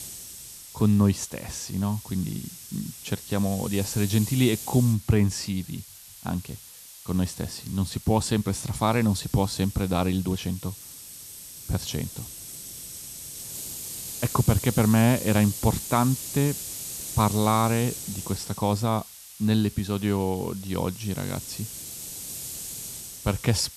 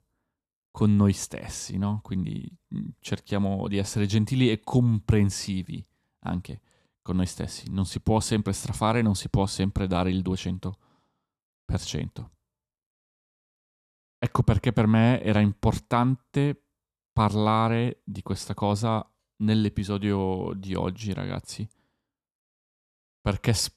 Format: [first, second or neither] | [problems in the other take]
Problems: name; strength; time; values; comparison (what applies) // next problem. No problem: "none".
second | hiss; noticeable; throughout; 10 dB below the speech